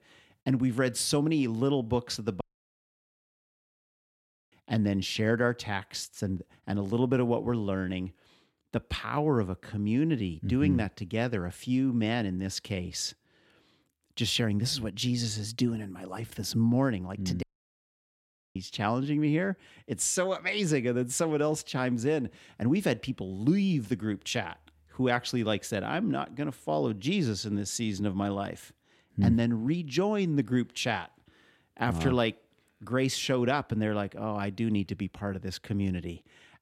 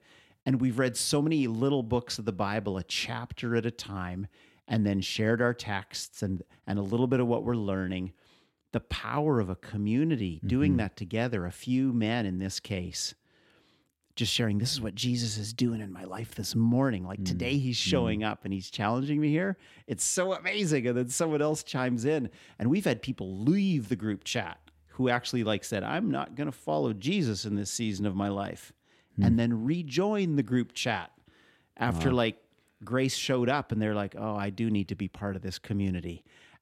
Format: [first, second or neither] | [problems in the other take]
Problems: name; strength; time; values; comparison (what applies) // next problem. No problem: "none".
second | audio cutting out; at 2.5 s for 2 s and at 17 s for 1 s